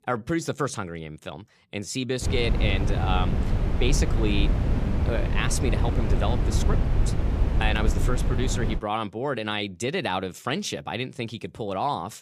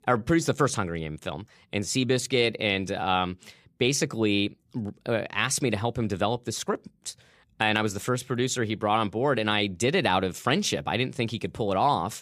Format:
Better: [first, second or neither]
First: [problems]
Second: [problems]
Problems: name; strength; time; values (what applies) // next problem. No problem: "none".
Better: second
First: wind noise on the microphone; heavy; from 2 to 9 s; 6 dB below the speech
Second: none